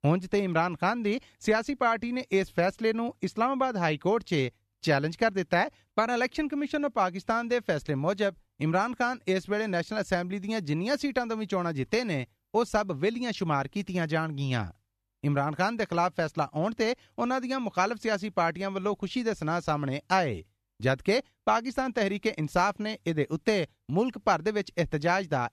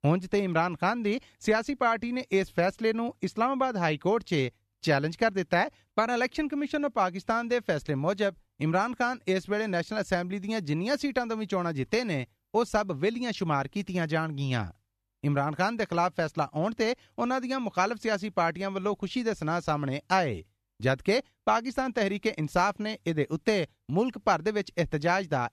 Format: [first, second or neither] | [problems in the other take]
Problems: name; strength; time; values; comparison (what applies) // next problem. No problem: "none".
neither | none